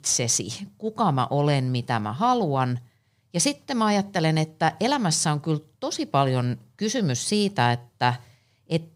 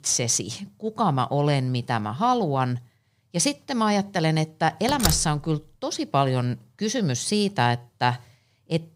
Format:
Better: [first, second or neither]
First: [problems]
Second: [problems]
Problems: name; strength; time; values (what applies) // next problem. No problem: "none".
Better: first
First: none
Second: door banging; noticeable; at 5 s; peak 1 dB below the speech